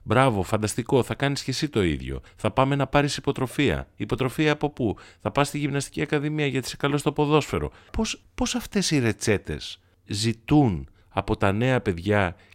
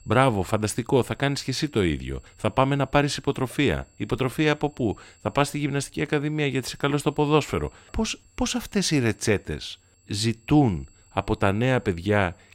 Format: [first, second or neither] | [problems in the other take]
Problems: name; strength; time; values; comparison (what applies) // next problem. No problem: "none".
first | high-pitched whine; faint; throughout; 7.5 kHz, 35 dB below the speech